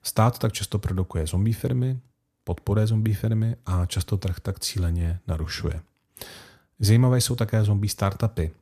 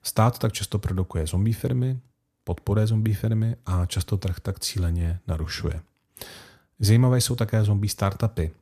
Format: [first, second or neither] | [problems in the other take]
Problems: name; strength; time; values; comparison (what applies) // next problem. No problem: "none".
neither | none